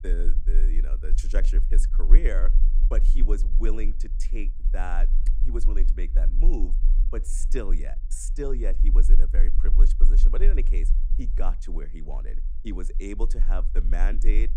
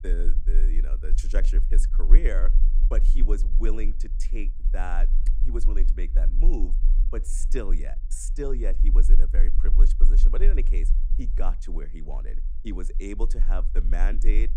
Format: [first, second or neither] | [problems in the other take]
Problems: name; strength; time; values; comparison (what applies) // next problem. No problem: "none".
neither | low rumble; noticeable; throughout; 15 dB below the speech; the same in both